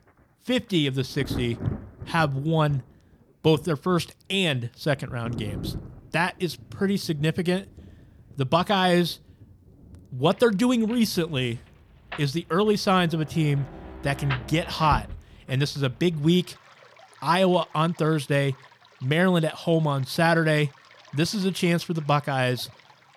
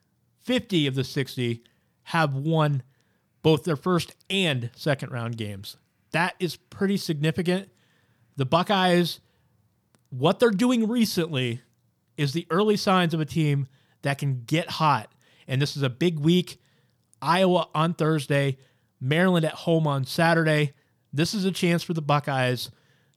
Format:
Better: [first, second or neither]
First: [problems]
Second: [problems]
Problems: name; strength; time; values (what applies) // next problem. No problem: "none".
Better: second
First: rain or running water; noticeable; throughout; 15 dB below the speech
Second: none